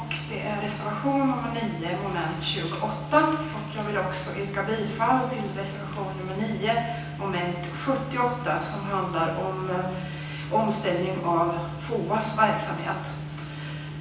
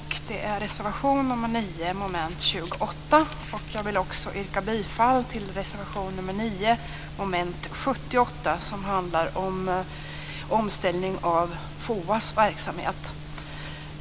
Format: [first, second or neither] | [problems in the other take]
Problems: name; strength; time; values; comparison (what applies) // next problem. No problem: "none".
second | room echo; dies away in 0.9 s